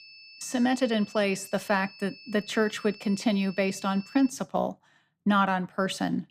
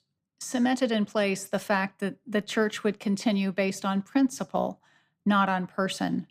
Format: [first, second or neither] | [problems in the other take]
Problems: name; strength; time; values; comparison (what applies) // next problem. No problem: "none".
second | high-pitched whine; noticeable; until 4.5 s; 2.5 kHz, 20 dB below the speech